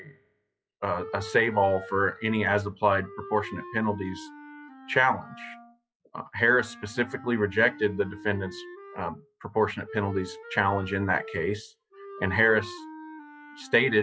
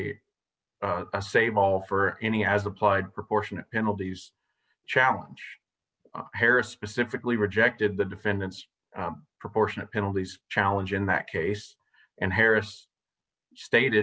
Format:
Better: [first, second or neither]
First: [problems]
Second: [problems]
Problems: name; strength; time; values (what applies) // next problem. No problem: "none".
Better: second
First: noise reduction (classical method log-MMSE)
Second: none